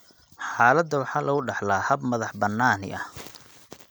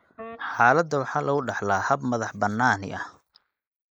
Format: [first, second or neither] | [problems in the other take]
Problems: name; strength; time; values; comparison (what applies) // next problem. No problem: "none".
first | noise reduction (neural mask model Resemble Enhance denoiser)